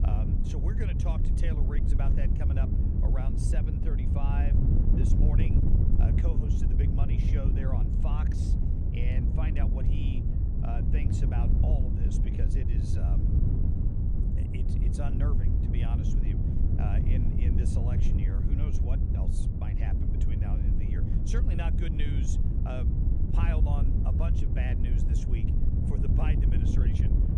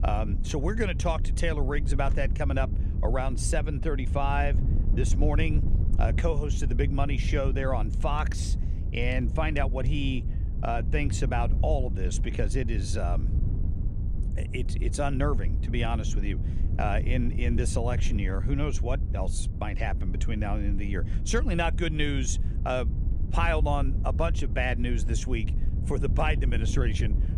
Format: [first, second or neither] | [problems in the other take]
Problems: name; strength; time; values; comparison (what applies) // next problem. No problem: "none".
second | wind noise on the microphone; heavy; 2 dB above the speech; occasional gusts in the second